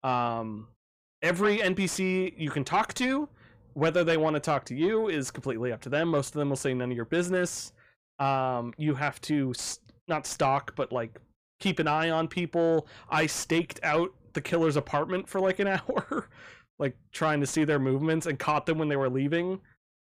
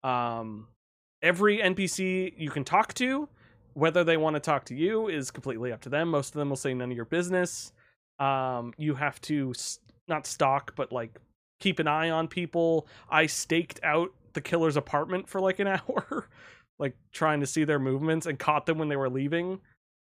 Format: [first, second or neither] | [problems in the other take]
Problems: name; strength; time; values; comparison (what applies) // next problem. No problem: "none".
second | distortion; slight; 10 dB below the speech